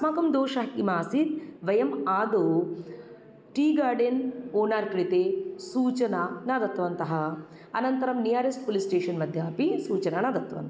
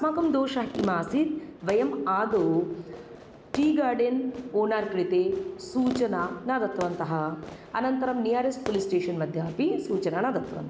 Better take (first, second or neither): first